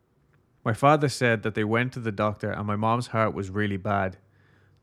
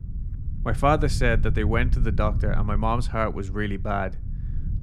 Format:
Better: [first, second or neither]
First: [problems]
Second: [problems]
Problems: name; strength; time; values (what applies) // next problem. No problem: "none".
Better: first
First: none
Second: low rumble; noticeable; throughout; 20 dB below the speech